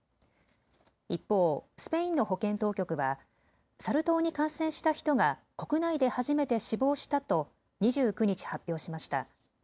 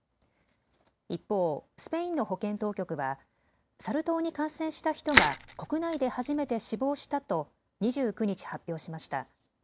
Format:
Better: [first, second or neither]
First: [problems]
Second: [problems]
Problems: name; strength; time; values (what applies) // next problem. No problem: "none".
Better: first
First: none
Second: background sound (Crushing); 2 dB above the speech